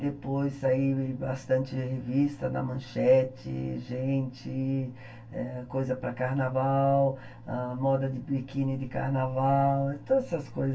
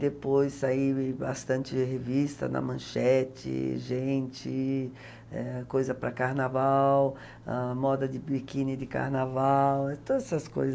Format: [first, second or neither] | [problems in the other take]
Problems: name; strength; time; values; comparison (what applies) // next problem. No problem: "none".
second | room echo; dies away in 0.1 s